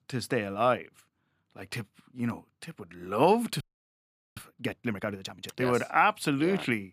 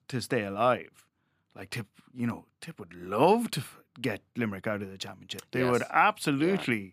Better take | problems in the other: second | audio freezing; at 3.5 s for 1 s

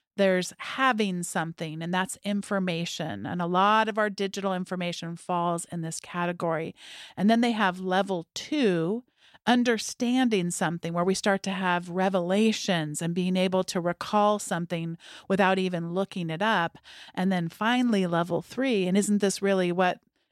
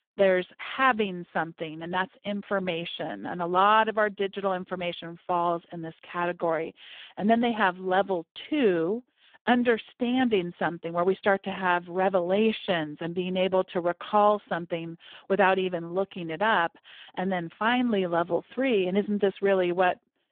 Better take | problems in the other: first | phone-call audio; poor line

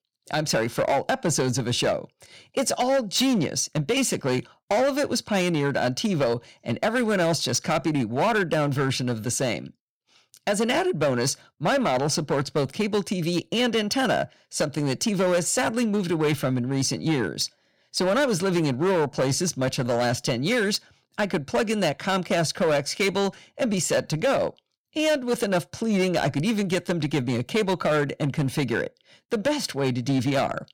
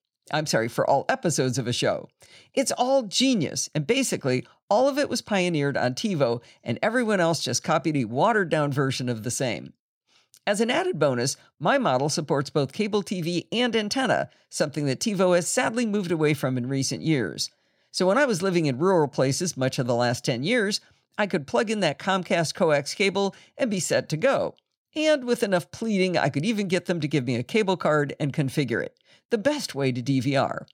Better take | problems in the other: second | distortion; slight; 11% of the sound clipped

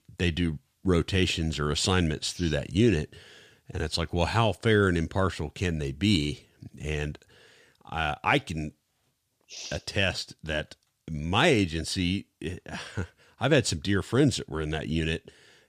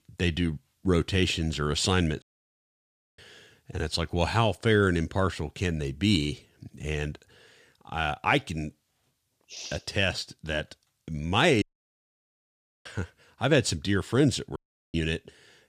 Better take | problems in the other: first | audio cutting out; at 2 s for 1 s, at 12 s for 1 s and at 15 s

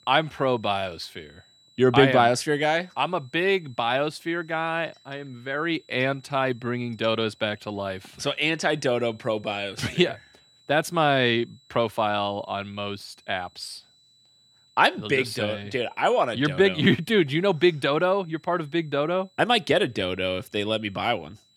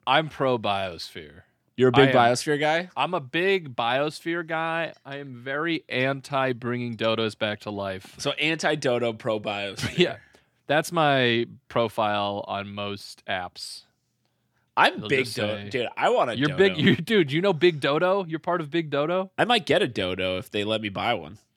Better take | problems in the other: second | high-pitched whine; faint; throughout; 4 kHz, 30 dB below the speech

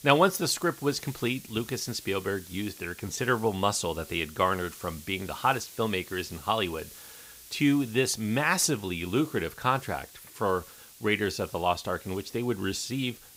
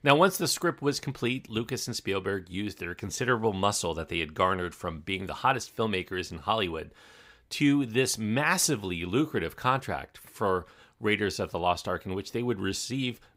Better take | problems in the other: second | hiss; noticeable; throughout; 15 dB below the speech

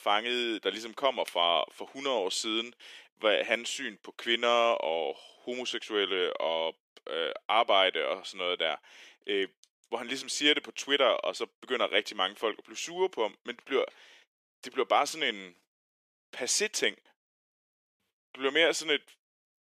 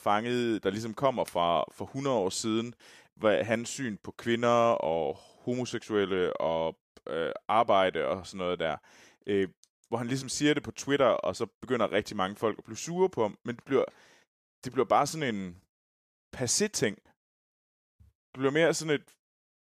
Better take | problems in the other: second | thin; somewhat; fading below 300 Hz

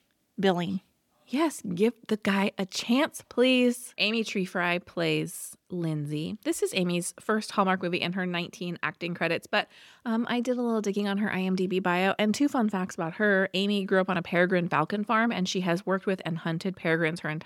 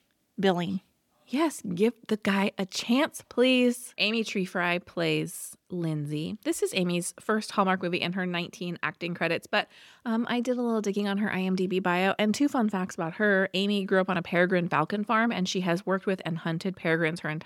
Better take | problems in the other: neither | none

